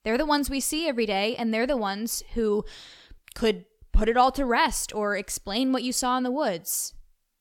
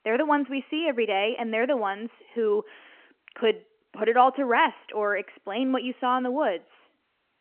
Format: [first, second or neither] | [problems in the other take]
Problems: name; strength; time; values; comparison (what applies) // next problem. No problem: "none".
first | phone-call audio; nothing above 3 kHz